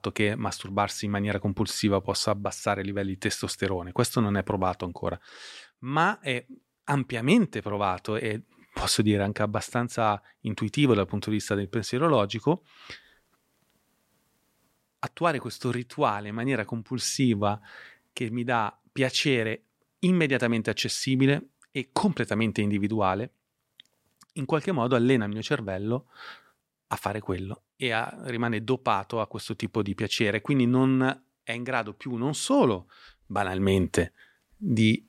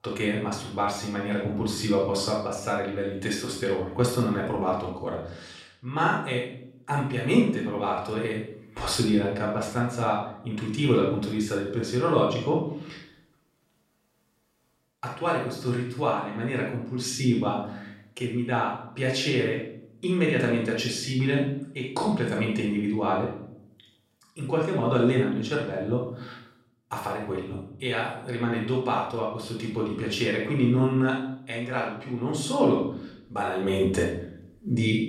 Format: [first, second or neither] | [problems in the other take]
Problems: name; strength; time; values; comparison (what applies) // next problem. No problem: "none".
first | off-mic speech; far // room echo; noticeable; dies away in 0.6 s